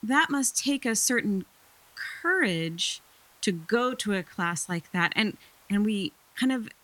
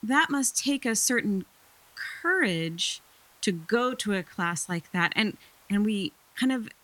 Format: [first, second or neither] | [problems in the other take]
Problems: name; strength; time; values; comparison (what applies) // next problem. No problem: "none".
neither | hiss; faint; throughout; 30 dB below the speech; the same in both